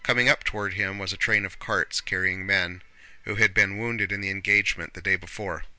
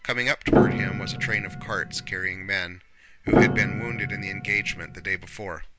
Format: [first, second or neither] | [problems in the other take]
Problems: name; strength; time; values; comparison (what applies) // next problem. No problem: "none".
first | background sound (Piano); 2 dB above the speech